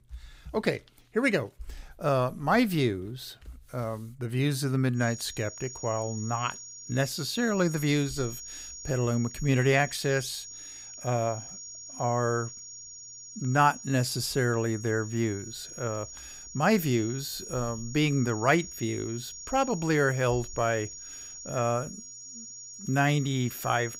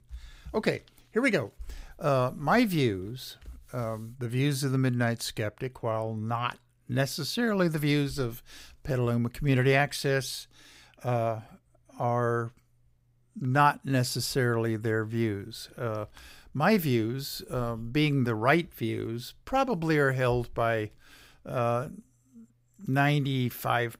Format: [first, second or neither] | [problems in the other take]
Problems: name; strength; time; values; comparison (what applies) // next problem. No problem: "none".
second | high-pitched whine; noticeable; from 5 s on; 6.5 kHz, 10 dB below the speech